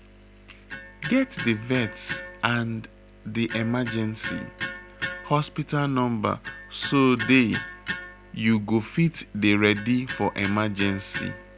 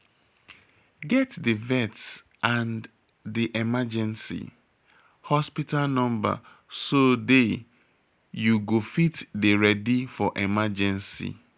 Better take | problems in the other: second | background sound (Electric guitar); 12 dB below the speech

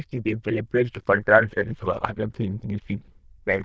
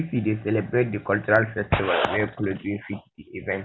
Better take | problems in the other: second | noise reduction (neural diffusion model UNIVERSE++)

